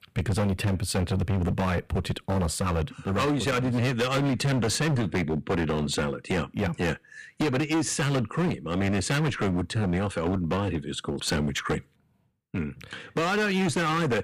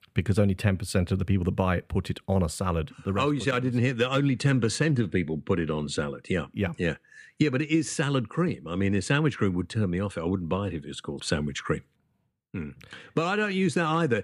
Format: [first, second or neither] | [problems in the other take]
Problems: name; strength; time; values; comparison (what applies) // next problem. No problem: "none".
second | distortion; heavy; 19% of the sound clipped